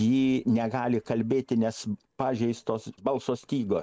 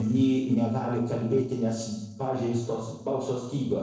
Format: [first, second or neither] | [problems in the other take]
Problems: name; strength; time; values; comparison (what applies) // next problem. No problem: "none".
first | noise reduction (neural separator model SepFormer DNS4)